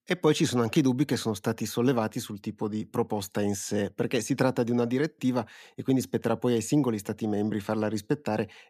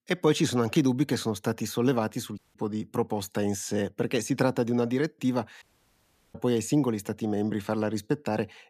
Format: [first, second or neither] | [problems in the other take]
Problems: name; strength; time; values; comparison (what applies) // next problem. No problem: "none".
first | audio cutting out; at 2.5 s and at 5.5 s for 0.5 s